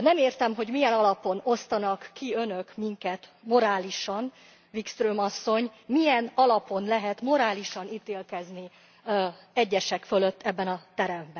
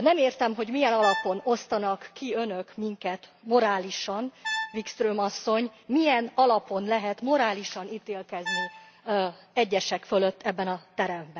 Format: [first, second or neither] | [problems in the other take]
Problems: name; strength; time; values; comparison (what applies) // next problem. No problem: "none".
first | background sound (Brass instrument); 10 dB below the speech